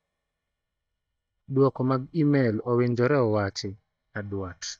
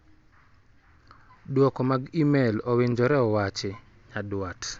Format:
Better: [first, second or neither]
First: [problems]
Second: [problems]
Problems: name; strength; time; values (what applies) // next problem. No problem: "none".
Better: second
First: noise reduction (neural mask model DeepFilterNet 3)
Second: none